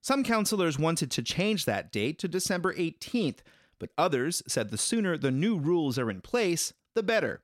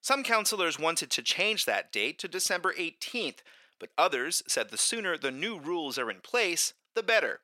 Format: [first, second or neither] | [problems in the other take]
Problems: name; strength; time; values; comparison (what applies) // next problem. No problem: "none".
first | thin; very; fading below 550 Hz